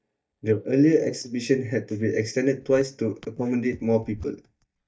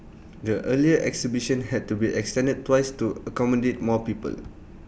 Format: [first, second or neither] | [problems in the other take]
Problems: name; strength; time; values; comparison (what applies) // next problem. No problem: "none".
second | noise reduction (neural mask model DeepFilterNet 3)